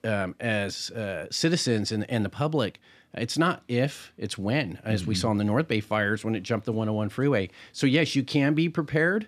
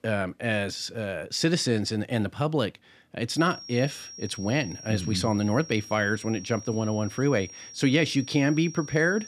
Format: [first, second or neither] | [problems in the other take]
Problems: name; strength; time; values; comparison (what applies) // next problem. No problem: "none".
first | high-pitched whine; noticeable; from 3.5 s on; 5.5 kHz, 15 dB below the speech